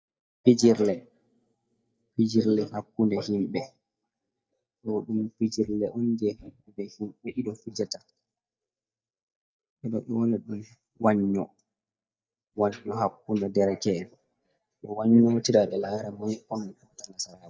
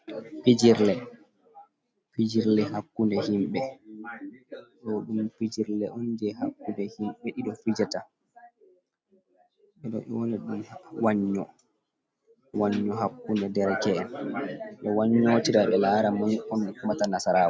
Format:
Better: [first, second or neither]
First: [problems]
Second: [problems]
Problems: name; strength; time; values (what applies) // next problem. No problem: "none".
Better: second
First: noise reduction (neural mask model DeepFilterNet 3)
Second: none